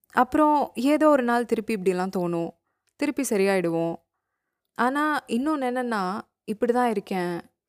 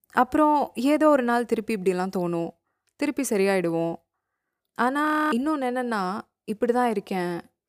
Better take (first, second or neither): first